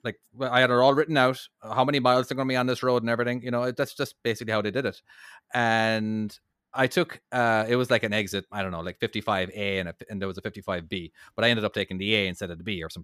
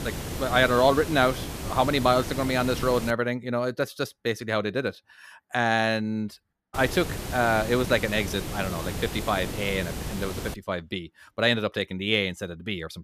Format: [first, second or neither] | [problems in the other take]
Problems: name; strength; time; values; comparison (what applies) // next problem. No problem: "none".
first | hiss; loud; until 3 s and from 6.5 to 11 s; 8 dB below the speech